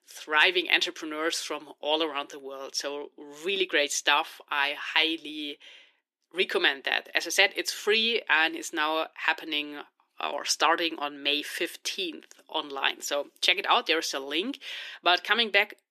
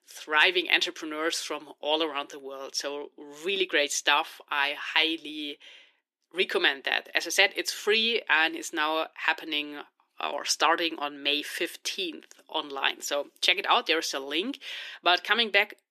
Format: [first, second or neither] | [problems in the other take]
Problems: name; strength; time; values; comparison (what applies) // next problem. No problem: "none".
neither | thin; somewhat; fading below 300 Hz; the same in both